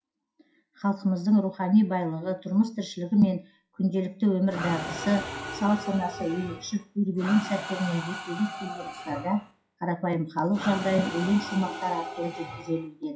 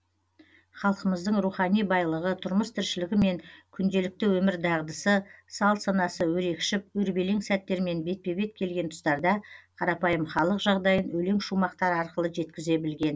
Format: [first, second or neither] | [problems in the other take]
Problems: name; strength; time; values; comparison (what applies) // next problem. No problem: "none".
second | noise reduction (classical method WPE with log-MMSE)